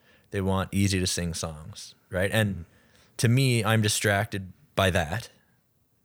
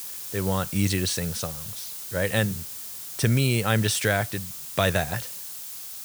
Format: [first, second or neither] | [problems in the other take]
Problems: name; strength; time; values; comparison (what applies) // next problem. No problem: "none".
first | hiss; loud; throughout; 8 dB below the speech